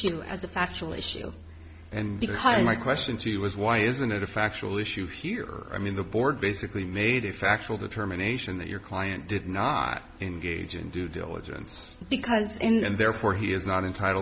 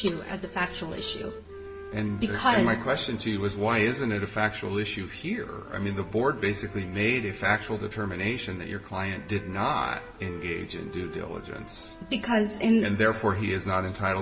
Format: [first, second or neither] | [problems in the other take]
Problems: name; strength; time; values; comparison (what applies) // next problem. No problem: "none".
first | background sound (Wind instrument, woodwind instrument); 19 dB below the speech // room echo; dies away in 1.7 s